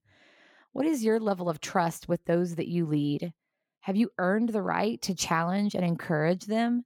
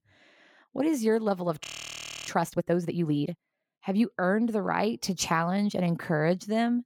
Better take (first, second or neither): first